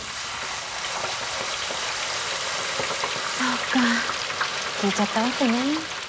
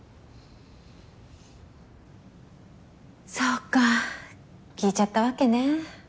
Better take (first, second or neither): second